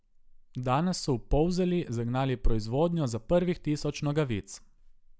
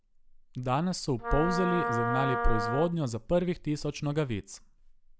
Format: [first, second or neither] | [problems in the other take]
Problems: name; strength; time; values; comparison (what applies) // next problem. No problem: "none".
first | background sound (Wind instrument, woodwind instrument); 3 dB below the speech